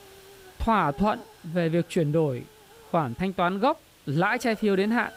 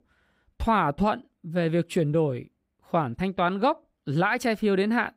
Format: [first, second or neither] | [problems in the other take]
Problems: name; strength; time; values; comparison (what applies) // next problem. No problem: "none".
second | hiss; faint; throughout; 25 dB below the speech